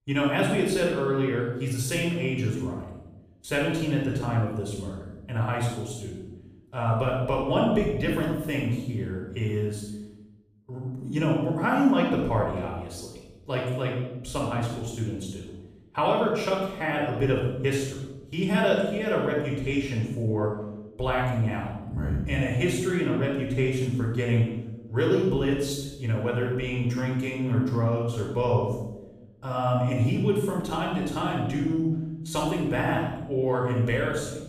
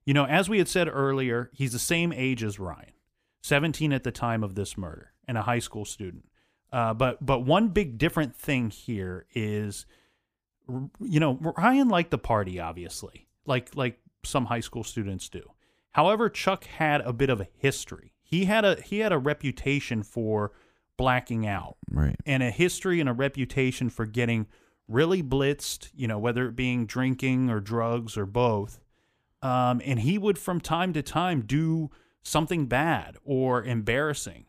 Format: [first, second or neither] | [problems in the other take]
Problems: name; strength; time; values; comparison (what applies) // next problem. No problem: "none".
second | off-mic speech; far // room echo; noticeable; dies away in 0.9 s